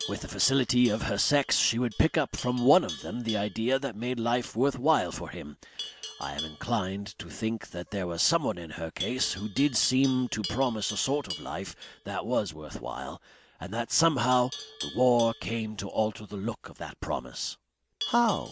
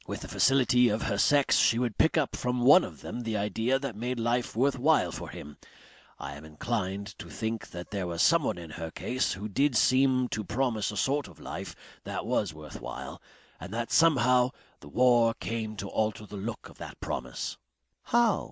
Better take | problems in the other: second | background sound (Livestock, farm animals, working animals); 16 dB below the speech

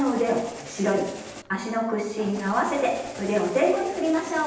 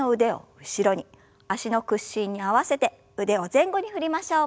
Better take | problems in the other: second | background sound (Engine starting); 15 dB below the speech // room echo; dies away in 0.9 s

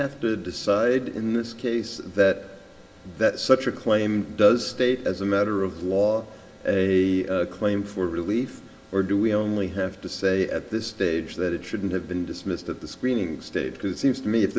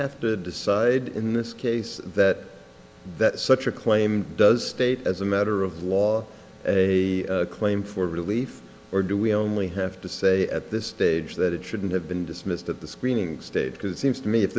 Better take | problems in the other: second | room echo; dies away in 1.5 s

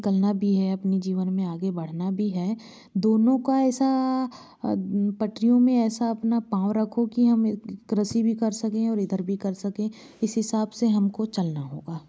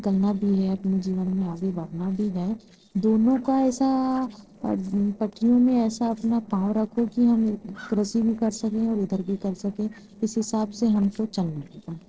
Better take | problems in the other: first | noise reduction (neural separator model SepFormer DNS4)

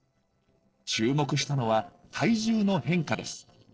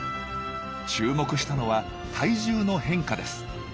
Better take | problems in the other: second | noise reduction (neural separator model SepFormer DNS4)

